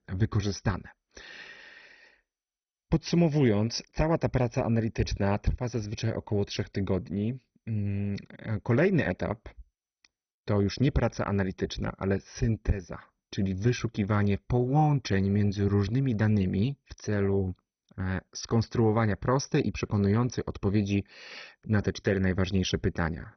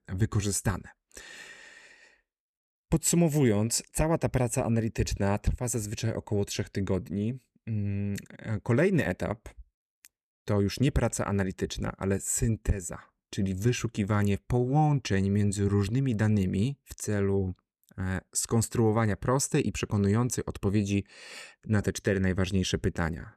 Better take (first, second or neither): second